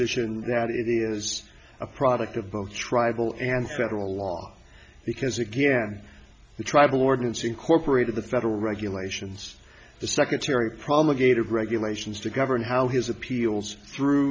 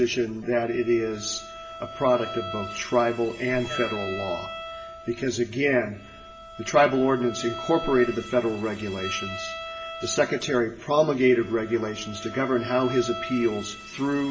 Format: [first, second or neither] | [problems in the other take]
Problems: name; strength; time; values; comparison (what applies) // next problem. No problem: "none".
first | background sound (Bowed string instrument); 12 dB below the speech // room echo; dies away in 0.7 s